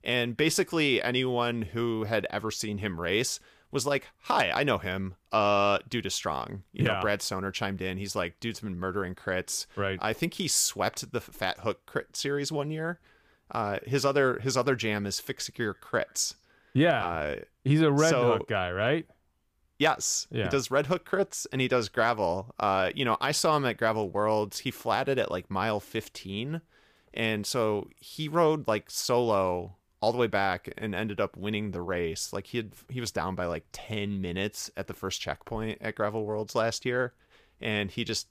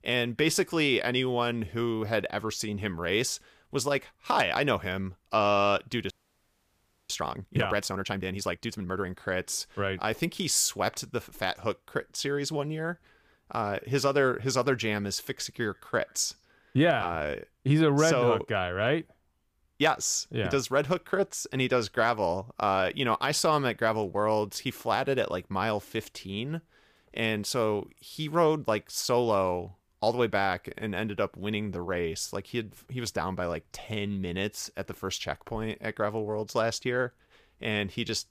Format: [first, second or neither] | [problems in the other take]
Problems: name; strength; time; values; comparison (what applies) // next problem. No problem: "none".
first | audio freezing; at 6 s for 1 s